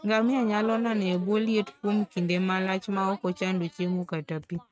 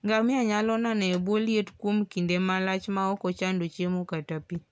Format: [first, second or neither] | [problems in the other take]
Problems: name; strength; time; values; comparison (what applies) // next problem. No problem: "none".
second | noise reduction (neural mask model RNNoise)